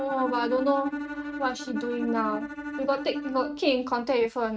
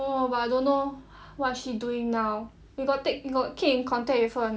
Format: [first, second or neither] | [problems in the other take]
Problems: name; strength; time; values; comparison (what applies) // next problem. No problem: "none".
second | noise reduction (neural mask model RNNoise)